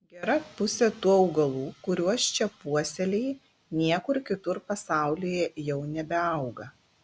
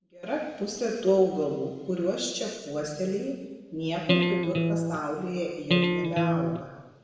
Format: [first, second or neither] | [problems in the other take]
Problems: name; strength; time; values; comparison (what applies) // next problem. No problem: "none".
first | background sound (Electric guitar); 4 dB above the speech // room echo; dies away in 1.1 s